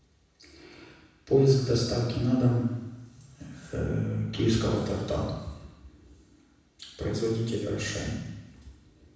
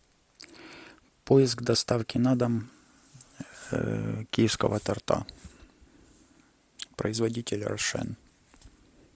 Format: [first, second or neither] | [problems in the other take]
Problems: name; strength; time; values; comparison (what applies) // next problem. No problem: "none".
second | room echo; dies away in 1.1 s